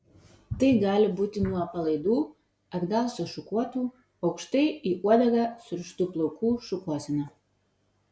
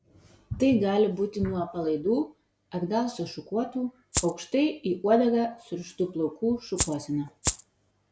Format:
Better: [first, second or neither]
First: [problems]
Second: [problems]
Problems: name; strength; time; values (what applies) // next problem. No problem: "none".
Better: first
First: none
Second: background sound (Rattle (instrument)); 4 dB below the speech